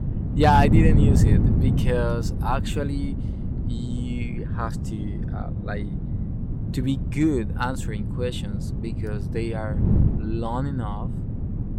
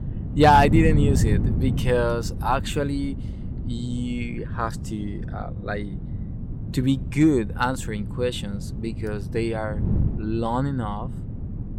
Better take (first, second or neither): second